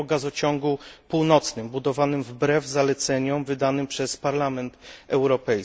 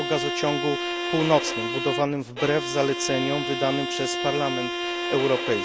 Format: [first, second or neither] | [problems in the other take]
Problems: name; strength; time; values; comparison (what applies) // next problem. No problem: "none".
first | background sound (Bowed string instrument); 3 dB below the speech